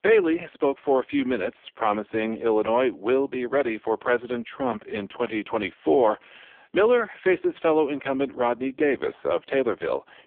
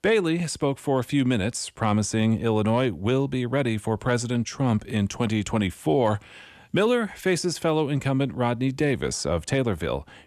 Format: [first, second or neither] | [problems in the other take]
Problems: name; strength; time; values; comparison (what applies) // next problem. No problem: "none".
second | phone-call audio; poor line